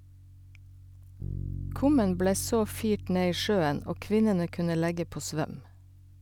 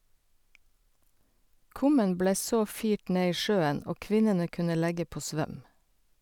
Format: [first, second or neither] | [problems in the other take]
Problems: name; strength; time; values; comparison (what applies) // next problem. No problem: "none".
second | background sound (Bass guitar); 12 dB below the speech